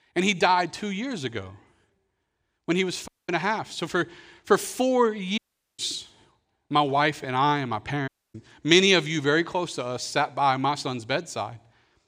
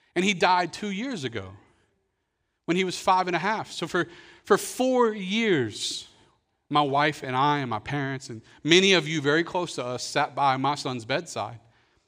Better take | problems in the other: second | audio cutting out; at 3 s, at 5.5 s and at 8 s

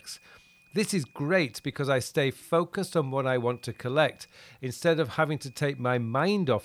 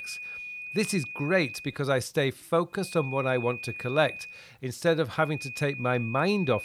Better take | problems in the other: first | high-pitched whine; loud; until 1.5 s, from 3 to 4.5 s and from 5.5 s on; 2.5 kHz, 9 dB below the speech; faint in the first

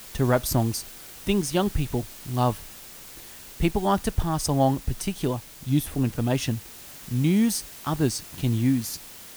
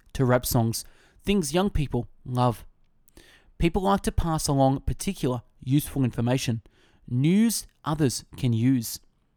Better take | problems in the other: second | hiss; noticeable; throughout; 15 dB below the speech

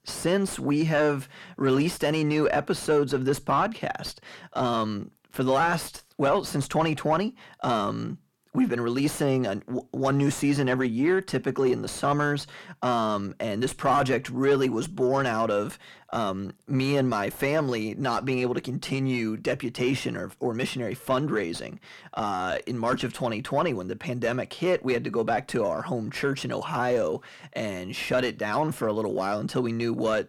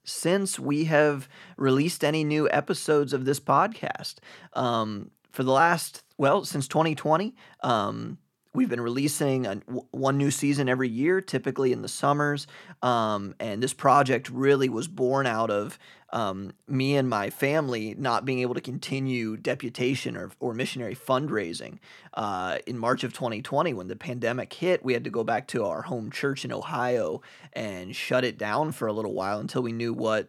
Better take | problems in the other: second | distortion; slight; 10 dB below the speech

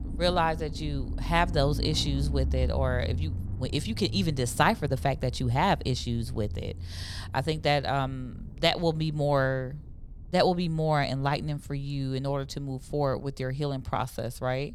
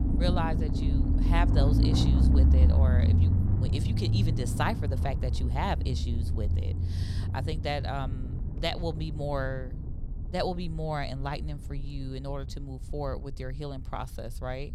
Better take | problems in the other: first | low rumble; loud; throughout; 5 dB below the speech; faint in the first

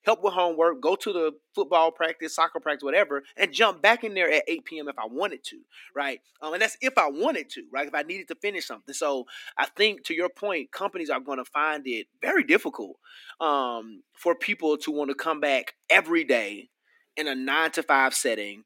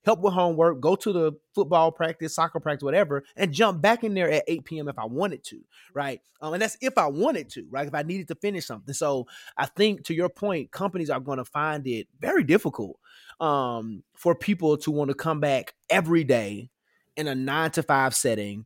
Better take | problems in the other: second | thin; somewhat; fading below 250 Hz

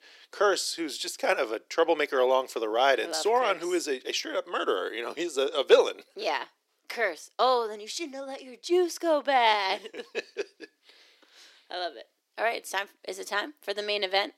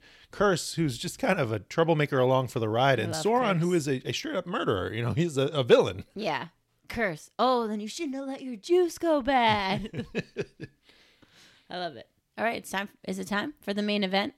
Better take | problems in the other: second | thin; very; fading below 350 Hz

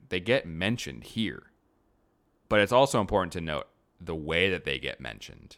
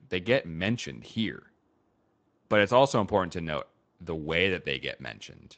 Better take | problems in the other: first | garbled, watery; slightly; nothing above 8 kHz

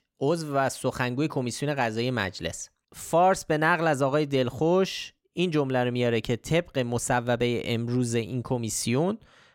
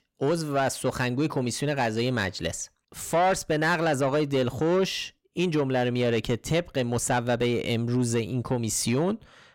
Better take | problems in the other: first | distortion; slight; 10 dB below the speech

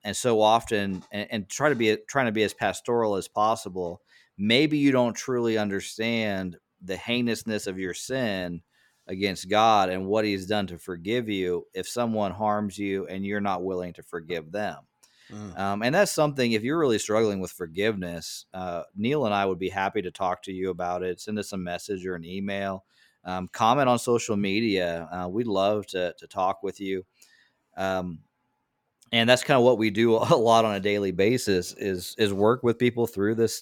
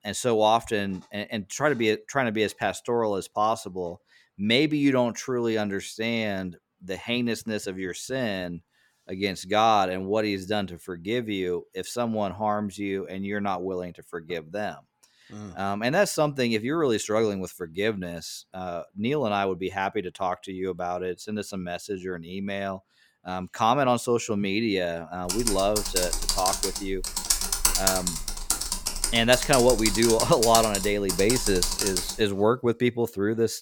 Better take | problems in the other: first | keyboard typing; loud; from 25 to 32 s; peak 5 dB above the speech

